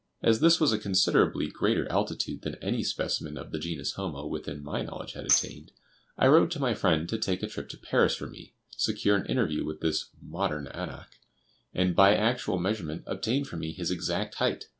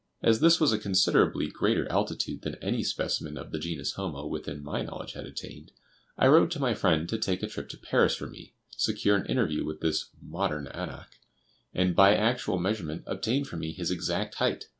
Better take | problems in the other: second | background sound (Tambourine); 6 dB below the speech

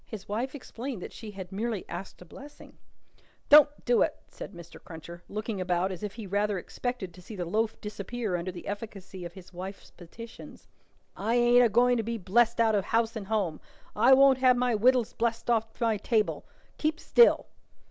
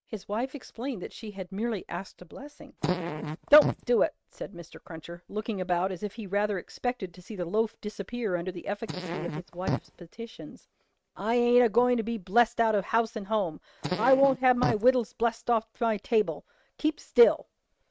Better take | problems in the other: first | noise reduction (neural mask model RNNoise)

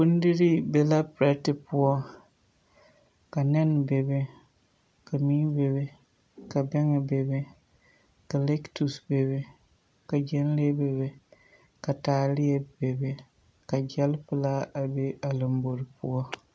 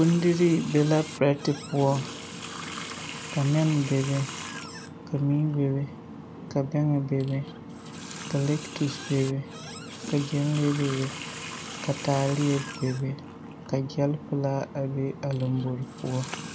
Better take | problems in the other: first | background sound (Water tap, faucet); 11 dB below the speech

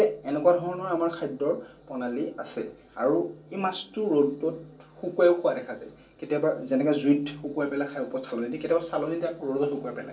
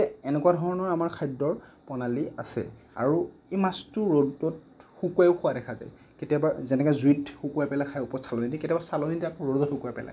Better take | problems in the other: second | room echo; dies away in 0.2 s

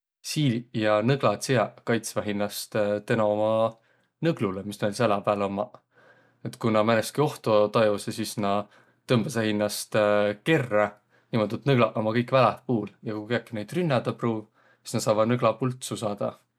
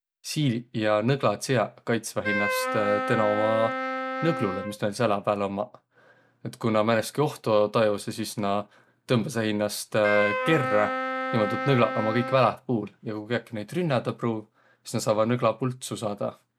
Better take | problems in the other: first | background sound (Wind instrument, woodwind instrument); 4 dB below the speech

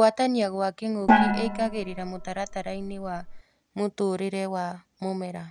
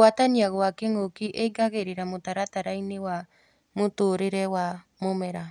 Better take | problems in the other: second | background sound (Gong); 2 dB above the speech

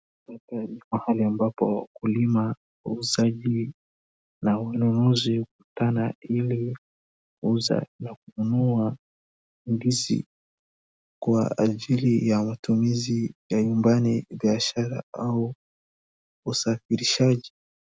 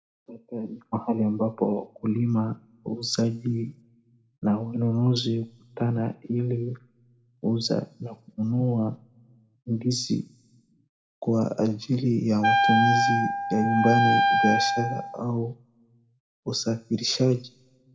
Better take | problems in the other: first | background sound (Wind instrument, woodwind instrument); 4 dB above the speech // room echo; dies away in 0.7 s

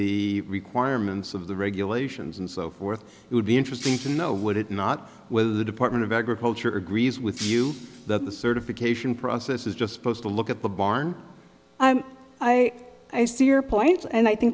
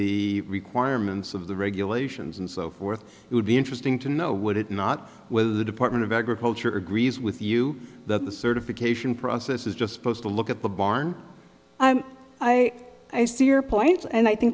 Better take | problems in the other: second | background sound (Shatter); 15 dB below the speech

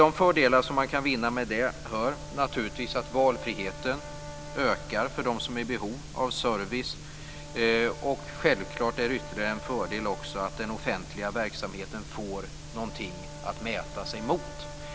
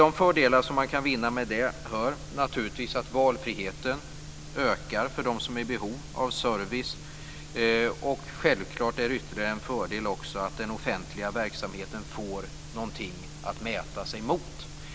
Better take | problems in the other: second | background sound (Brass instrument); 18 dB below the speech

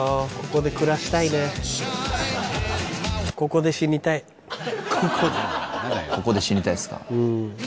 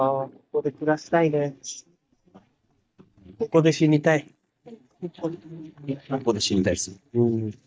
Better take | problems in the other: first | noise reduction (neural mask model DeepFilterNet 3)

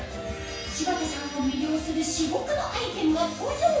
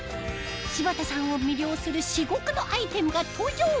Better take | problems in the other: second | room echo; dies away in 0.7 s

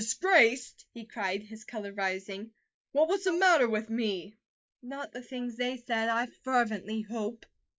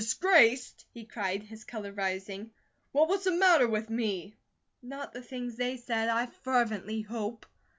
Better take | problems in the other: second | noise reduction (neural mask model Resemble Enhance denoiser)

